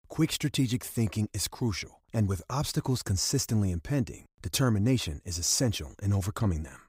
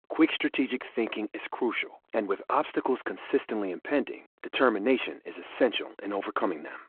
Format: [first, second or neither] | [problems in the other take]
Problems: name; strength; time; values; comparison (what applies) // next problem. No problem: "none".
first | phone-call audio